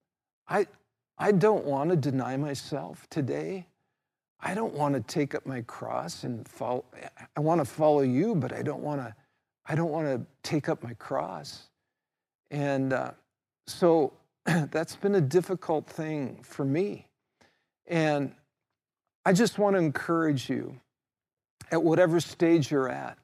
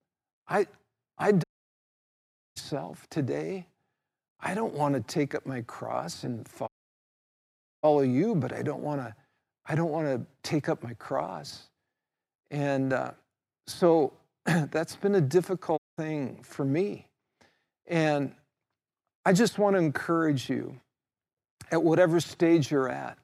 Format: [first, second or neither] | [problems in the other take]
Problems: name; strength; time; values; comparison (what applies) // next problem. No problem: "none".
first | audio cutting out; at 1.5 s for 1 s, at 6.5 s for 1 s and at 16 s